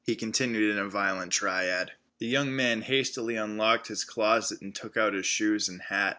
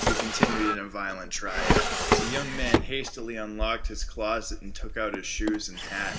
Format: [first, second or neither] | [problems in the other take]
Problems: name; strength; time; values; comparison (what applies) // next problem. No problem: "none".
first | background sound (Drawer open or close); 4 dB above the speech // room echo; dies away in 2.1 s